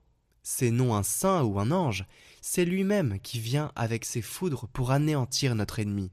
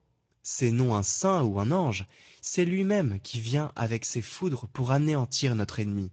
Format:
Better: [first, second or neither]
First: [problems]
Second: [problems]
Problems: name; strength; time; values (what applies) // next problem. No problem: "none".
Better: first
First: none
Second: garbled, watery; slightly